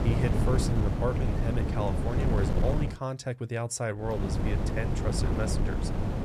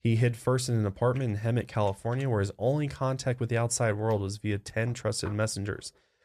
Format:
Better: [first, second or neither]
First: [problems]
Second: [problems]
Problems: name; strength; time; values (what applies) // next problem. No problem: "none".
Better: second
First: wind noise on the microphone; heavy; until 3 s and from 4 s on; 2 dB below the speech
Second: none